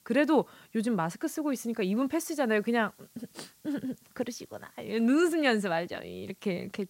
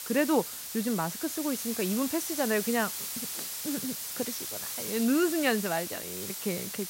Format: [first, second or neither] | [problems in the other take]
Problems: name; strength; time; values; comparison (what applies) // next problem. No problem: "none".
first | hiss; loud; throughout; 4 dB below the speech; faint in the first